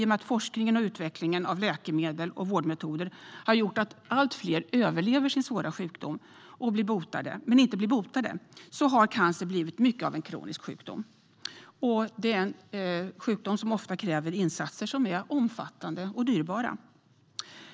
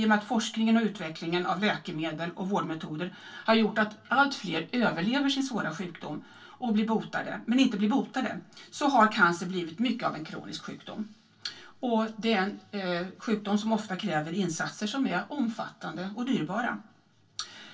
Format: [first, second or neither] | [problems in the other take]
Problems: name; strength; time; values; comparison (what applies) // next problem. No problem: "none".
first | room echo; dies away in 0.2 s